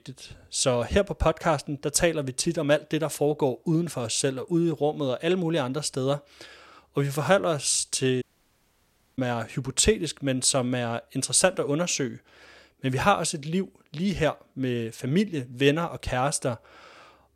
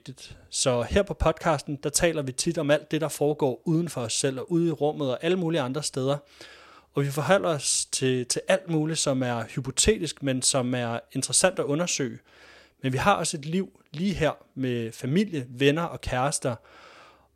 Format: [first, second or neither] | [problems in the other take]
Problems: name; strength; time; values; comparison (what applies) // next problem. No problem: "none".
second | audio cutting out; at 8 s for 1 s